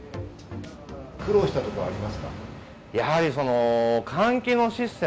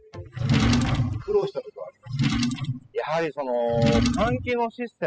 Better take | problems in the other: first | noise reduction (classical method spectral subtraction)

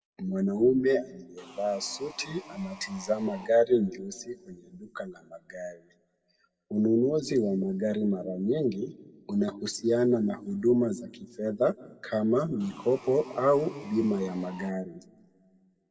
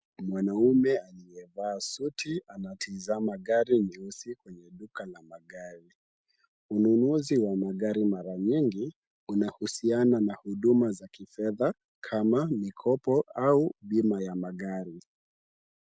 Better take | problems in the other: second | background sound (Sawing); 20 dB below the speech // room echo; dies away in 0.8 s

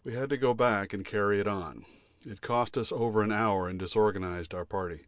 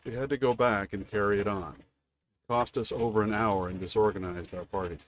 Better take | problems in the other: first | noise reduction (neural mask model RNNoise)

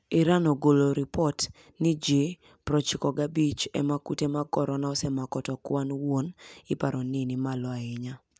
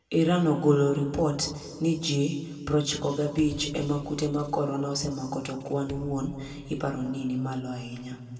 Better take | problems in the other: first | background sound (Bass drum); 19 dB below the speech // room echo; dies away in 1.9 s

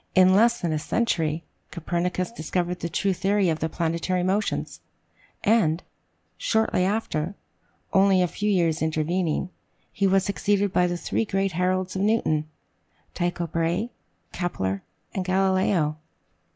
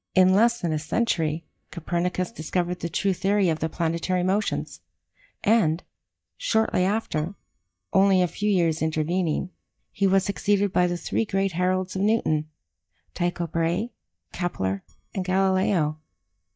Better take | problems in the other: first | noise reduction (neural mask model DeepFilterNet 3)

